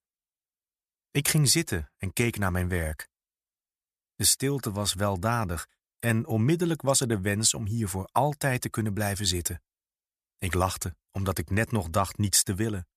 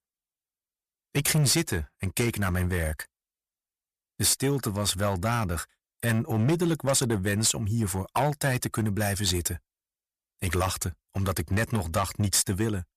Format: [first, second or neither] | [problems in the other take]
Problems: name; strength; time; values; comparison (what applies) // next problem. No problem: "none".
first | distortion; slight; 5% of the sound clipped